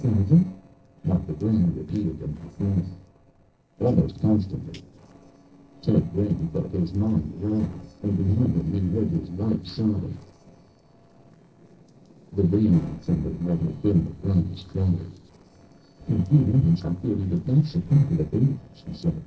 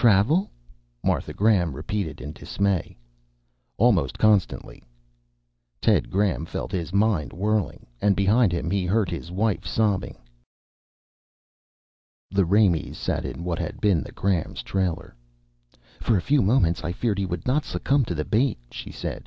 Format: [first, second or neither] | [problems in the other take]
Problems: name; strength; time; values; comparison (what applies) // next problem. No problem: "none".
second | noise reduction (neural separator model SepFormer DNS4)